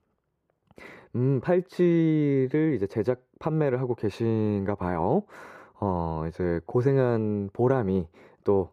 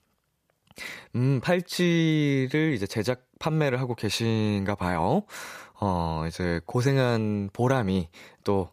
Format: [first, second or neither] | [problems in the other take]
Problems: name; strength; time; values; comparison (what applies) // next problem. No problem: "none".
second | muffled; very; fading above 2 kHz